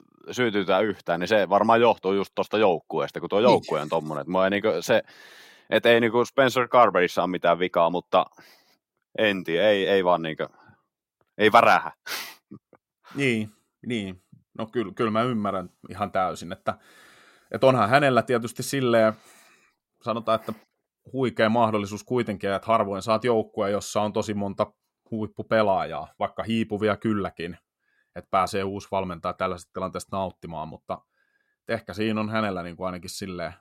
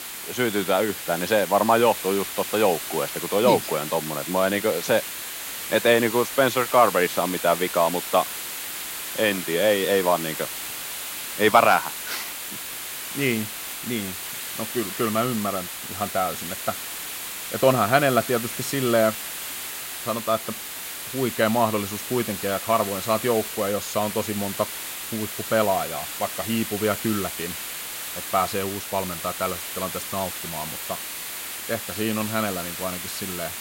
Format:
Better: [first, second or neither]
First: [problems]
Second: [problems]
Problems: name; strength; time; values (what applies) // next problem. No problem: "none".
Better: first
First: none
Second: hiss; loud; throughout; 6 dB below the speech